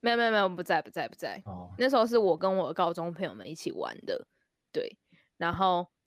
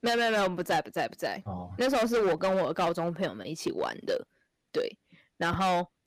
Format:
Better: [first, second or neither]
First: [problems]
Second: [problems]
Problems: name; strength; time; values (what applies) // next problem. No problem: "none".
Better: first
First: none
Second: distortion; heavy; 12% of the sound clipped